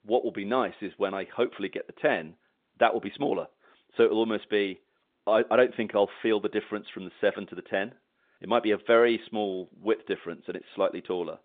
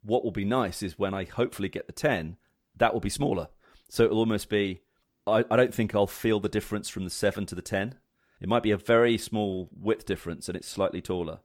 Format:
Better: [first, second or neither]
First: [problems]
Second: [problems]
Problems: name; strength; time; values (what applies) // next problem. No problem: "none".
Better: second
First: phone-call audio; nothing above 3.5 kHz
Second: none